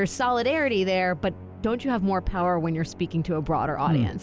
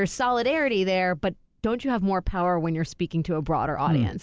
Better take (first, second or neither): second